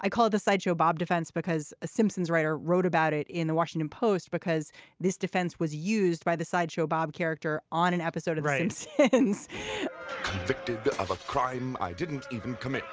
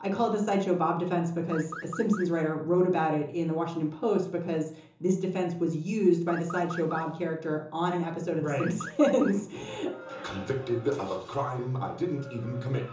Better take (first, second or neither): first